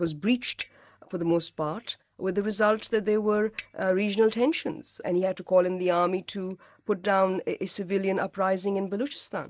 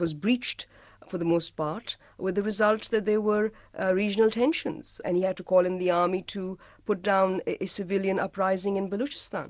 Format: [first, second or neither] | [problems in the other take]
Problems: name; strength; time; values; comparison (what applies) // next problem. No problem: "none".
second | noise reduction (neural mask model DeepFilterNet 3)